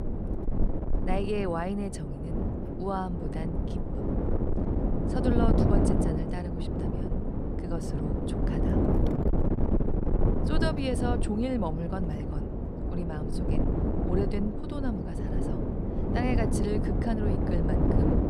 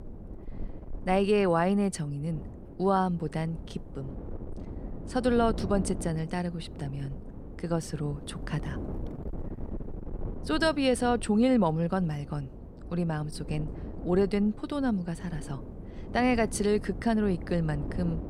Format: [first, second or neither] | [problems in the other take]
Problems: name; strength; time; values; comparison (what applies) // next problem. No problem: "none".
second | wind noise on the microphone; heavy; as loud as the speech; occasional gusts in the second